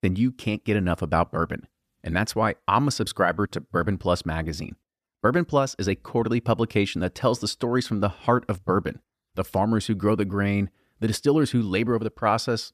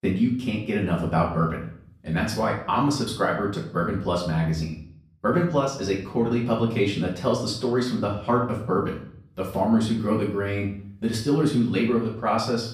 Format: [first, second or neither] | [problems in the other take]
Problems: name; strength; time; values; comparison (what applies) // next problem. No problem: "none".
first | off-mic speech; far // room echo; noticeable; dies away in 0.5 s